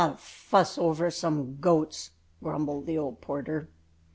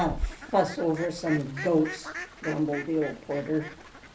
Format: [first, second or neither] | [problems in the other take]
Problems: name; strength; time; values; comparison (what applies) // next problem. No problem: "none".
first | background sound (Fowl); 10 dB below the speech // room echo; dies away in 0.3 s